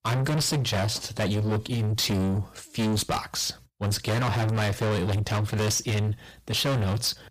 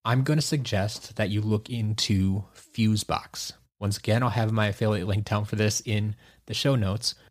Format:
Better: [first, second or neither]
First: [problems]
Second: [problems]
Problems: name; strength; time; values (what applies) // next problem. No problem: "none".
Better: second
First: distortion; heavy; 5 dB below the speech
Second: none